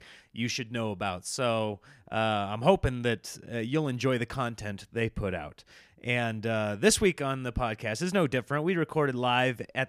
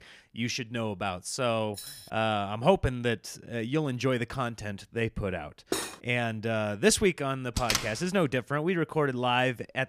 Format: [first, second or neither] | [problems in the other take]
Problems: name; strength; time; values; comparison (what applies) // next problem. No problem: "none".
first | jangling keys; faint; at 1.5 s; peak 10 dB below the speech // clattering dishes; noticeable; at 5.5 s; peak 4 dB below the speech // door banging; loud; at 7.5 s; peak level with the speech